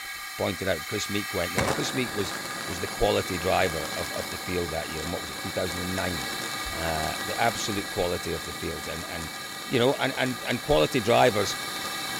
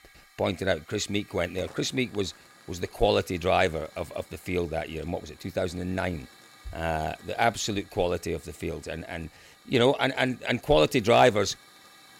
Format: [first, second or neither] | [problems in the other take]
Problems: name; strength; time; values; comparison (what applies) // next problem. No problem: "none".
second | hiss; loud; throughout; 3 dB below the speech; faint in the second